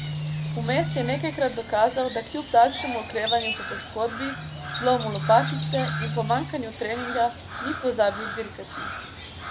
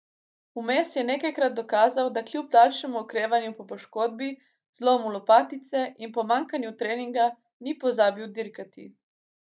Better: second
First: background sound (Crow); 6 dB below the speech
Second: none

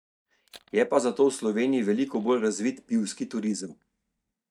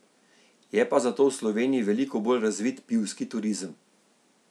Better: second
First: noise reduction (neural mask model DeepFilterNet 3)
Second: none

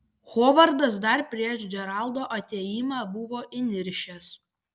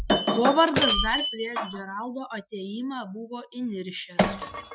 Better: first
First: none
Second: noise reduction (classical method Wiener filter)

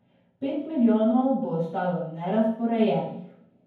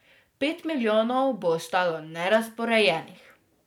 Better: second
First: room echo; dies away in 0.9 s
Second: none

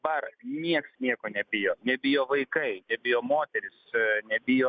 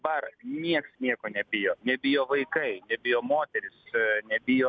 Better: second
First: noise reduction (neural mask model Resemble Enhance denoiser)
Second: none

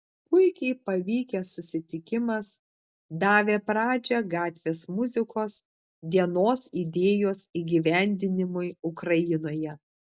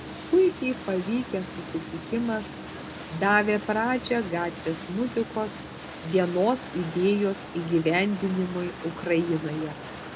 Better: first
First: none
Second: background sound (Boat, Water vehicle); 12 dB below the speech

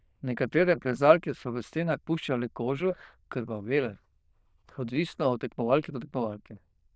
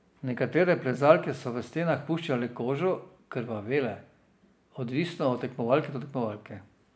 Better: second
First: noise reduction (neural diffusion model UNIVERSE++)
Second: none

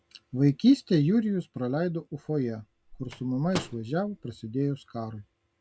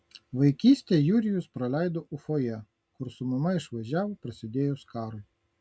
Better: second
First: background sound (Microwave oven); 16 dB below the speech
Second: none

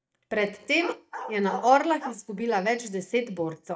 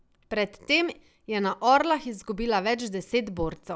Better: second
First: noise reduction (neural mask model DeepFilterNet 3)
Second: none

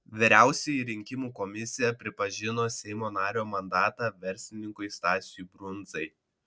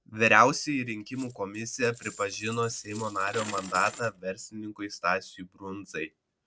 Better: first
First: none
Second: background sound (Coin (dropping)); 15 dB below the speech

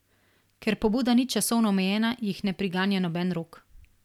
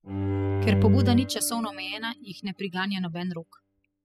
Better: first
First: none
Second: noise reduction (classical method spectral subtraction)

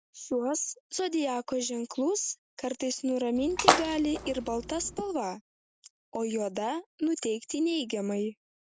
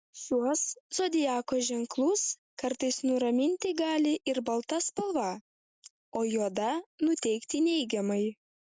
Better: second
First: background sound (Splash, splatter); 1 dB above the speech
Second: none

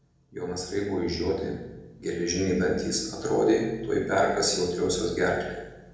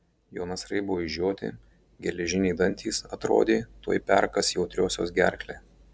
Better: second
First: room echo; dies away in 0.9 s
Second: none

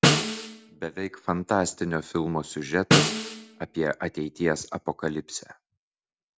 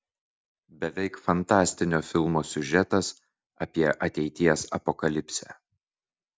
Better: second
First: background sound (Snare drum); 3 dB above the speech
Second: none

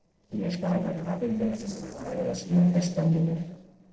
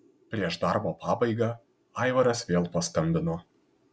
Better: second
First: noise reduction (neural separator model SepFormer DNS4)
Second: none

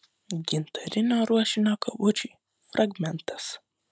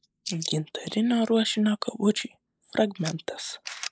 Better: first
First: none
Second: noise reduction (neural mask model Resemble Enhance denoiser)

